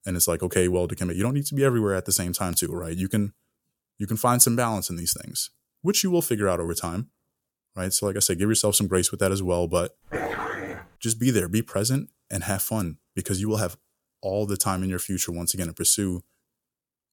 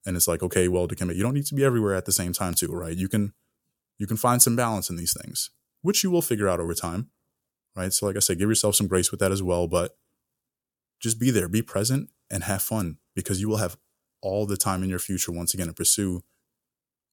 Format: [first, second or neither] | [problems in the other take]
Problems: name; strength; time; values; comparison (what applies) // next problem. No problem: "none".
second | dog barking; noticeable; at 10 s; peak 5 dB below the speech